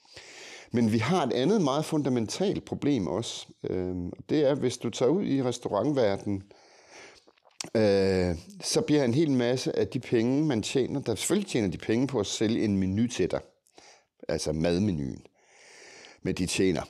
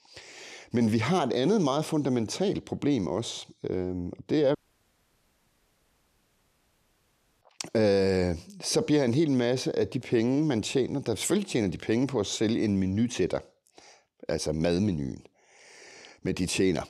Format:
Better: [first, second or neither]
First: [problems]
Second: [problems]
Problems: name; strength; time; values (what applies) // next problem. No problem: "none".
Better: first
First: none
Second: audio cutting out; at 4.5 s for 3 s